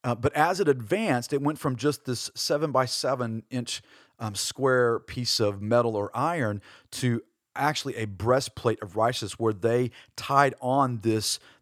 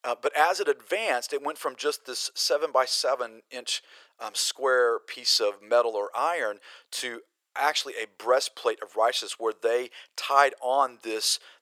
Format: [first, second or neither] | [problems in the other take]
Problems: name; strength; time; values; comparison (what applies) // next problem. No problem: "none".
first | thin; very; fading below 500 Hz